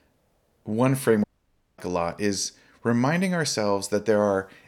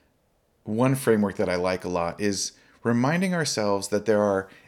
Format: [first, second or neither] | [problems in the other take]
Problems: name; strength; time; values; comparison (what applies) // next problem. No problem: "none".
second | audio cutting out; at 1 s for 0.5 s